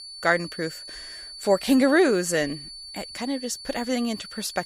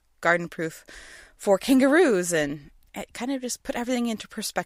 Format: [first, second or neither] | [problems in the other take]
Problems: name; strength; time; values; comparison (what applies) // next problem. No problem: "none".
second | high-pitched whine; noticeable; throughout; 4.5 kHz, 15 dB below the speech